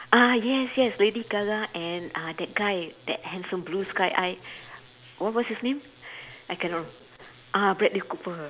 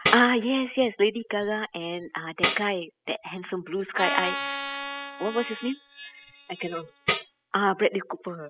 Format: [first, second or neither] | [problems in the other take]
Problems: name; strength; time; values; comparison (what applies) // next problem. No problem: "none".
first | noise reduction (classical method spectral subtraction)